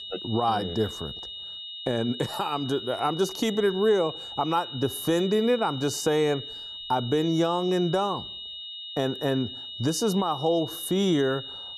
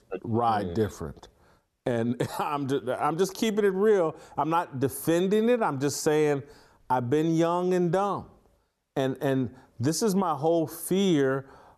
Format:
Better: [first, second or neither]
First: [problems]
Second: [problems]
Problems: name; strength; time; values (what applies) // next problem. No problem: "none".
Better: second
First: high-pitched whine; loud; throughout; 3.5 kHz, 9 dB below the speech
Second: none